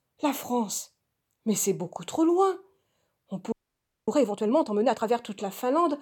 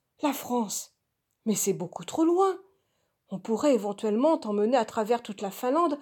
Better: second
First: audio freezing; at 3.5 s for 0.5 s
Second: none

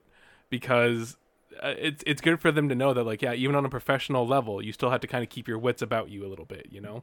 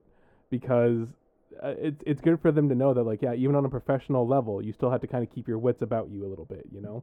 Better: first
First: none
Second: muffled; very; fading above 1.5 kHz

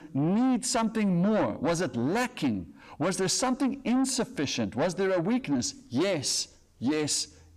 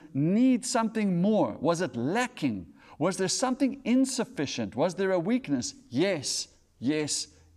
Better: second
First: distortion; slight; 10 dB below the speech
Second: none

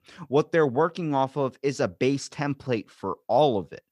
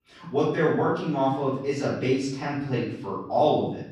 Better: first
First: none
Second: off-mic speech; far // room echo; noticeable; dies away in 0.8 s

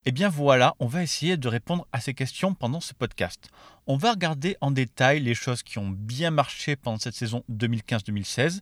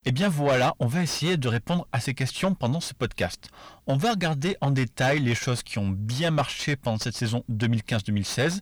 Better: first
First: none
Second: distortion; heavy; 7 dB below the speech

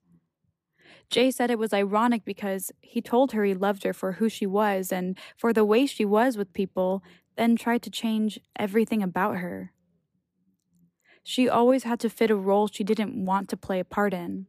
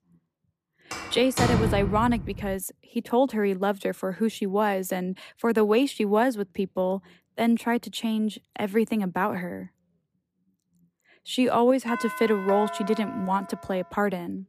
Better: first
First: none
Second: door banging; loud; from 1 to 2.5 s; peak 2 dB above the speech // doorbell; noticeable; from 12 to 14 s; peak 7 dB below the speech

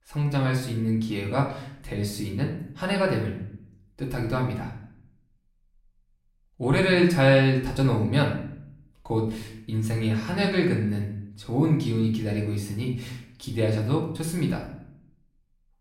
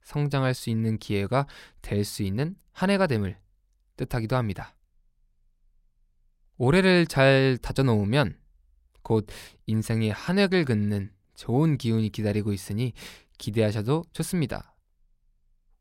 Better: second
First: room echo; noticeable; dies away in 0.5 s // off-mic speech; far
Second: none

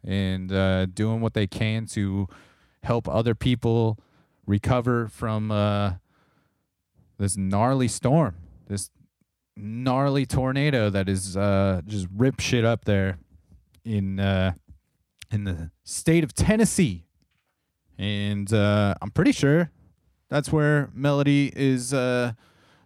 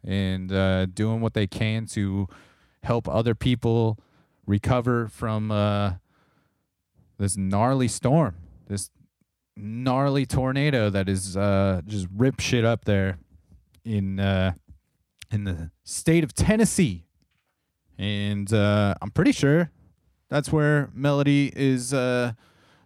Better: neither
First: none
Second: none

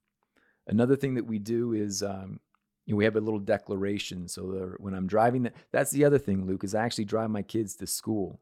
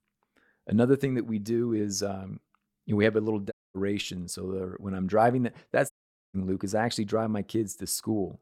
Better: first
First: none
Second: audio cutting out; at 3.5 s and at 6 s

